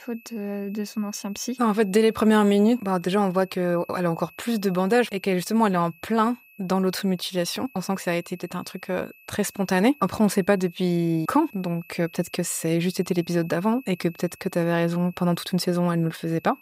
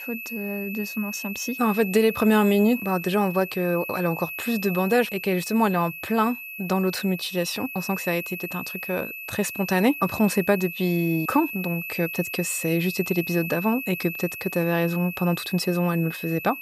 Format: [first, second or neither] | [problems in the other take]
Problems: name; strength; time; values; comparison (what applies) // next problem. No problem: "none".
first | high-pitched whine; loud; throughout; 2.5 kHz, 8 dB below the speech; faint in the first